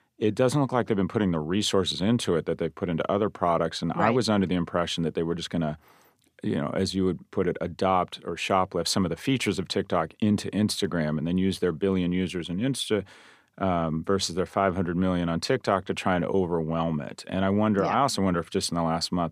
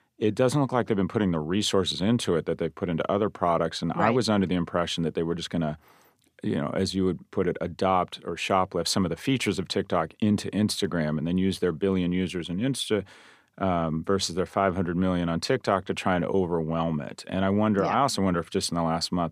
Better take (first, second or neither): neither